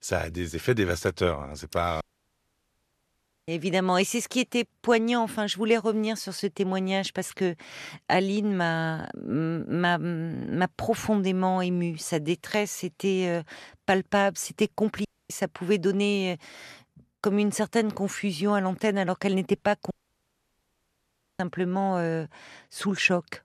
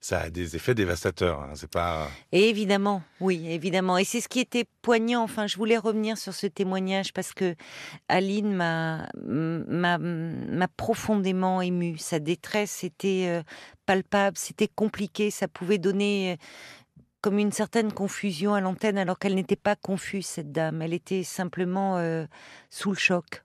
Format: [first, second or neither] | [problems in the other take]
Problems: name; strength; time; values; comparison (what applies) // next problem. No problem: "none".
second | audio cutting out; at 2 s for 1.5 s, at 15 s and at 20 s for 1.5 s